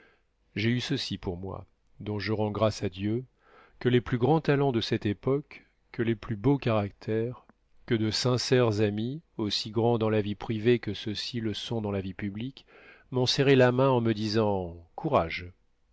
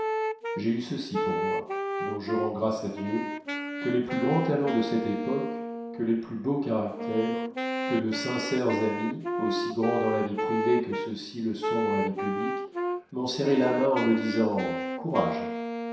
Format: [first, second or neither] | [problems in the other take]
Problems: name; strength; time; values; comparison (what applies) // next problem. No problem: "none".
first | background sound (Wind instrument, woodwind instrument); 3 dB below the speech // room echo; dies away in 0.7 s